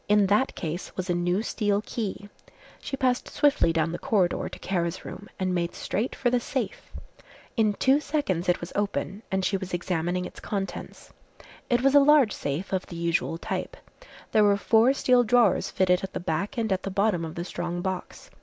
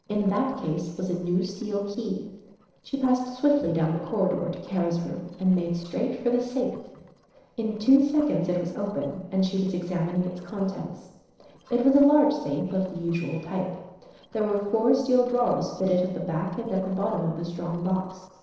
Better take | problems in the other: first | noise reduction (neural separator model SepFormer DNS4)

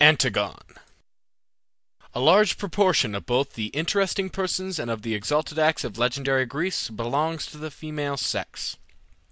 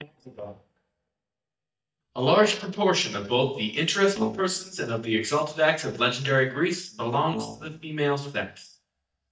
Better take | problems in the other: first | noise reduction (neural mask model DeepFilterNet 3)

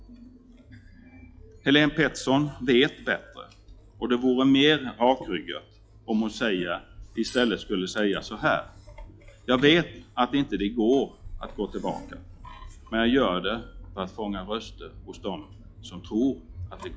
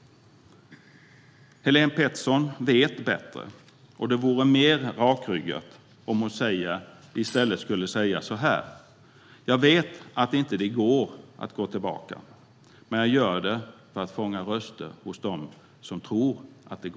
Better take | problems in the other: second | noise reduction (classical method log-MMSE)

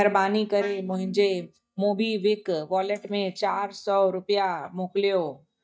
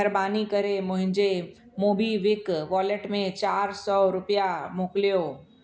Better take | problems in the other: second | noise reduction (neural mask model DeepFilterNet 3)

